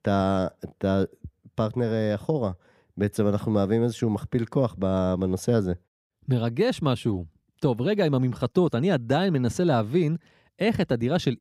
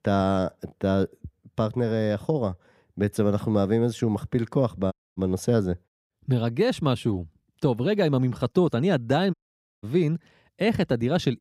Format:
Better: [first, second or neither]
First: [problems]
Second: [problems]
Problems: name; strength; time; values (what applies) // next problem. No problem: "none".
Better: first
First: none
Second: audio cutting out; at 5 s and at 9.5 s